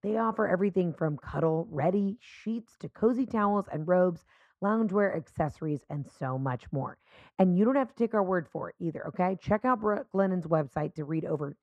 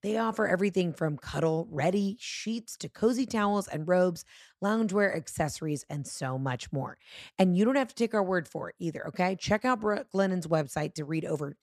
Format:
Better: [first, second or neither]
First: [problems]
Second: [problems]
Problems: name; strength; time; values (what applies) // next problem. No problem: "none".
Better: second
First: muffled; very; fading above 2.5 kHz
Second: none